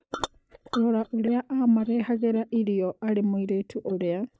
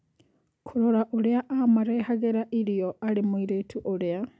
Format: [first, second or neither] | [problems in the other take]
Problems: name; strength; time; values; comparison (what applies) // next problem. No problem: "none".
second | noise reduction (neural mask model DeepFilterNet 3)